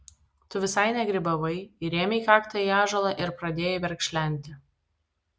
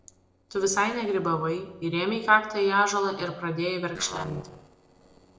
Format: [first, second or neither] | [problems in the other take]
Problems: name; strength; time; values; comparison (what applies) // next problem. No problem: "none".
first | noise reduction (neural separator model SepFormer DNS4)